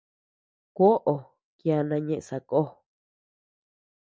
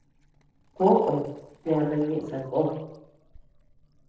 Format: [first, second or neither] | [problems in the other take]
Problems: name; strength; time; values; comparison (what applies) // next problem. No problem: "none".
first | noise reduction (neural separator model SepFormer DNS4)